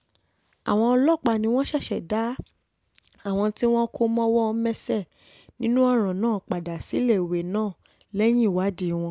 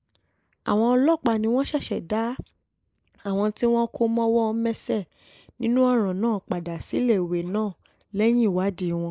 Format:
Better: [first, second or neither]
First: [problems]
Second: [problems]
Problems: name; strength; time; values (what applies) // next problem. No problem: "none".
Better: first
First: none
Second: noise reduction (neural mask model Resemble Enhance denoiser)